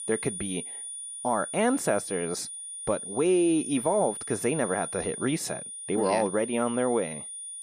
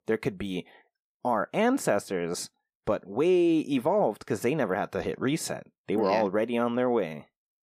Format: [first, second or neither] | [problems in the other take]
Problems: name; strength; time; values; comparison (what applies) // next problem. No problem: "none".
second | high-pitched whine; loud; throughout; 9.5 kHz, 7 dB below the speech